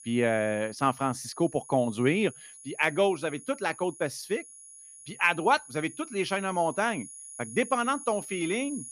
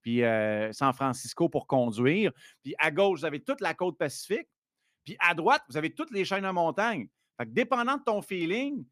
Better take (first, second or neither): second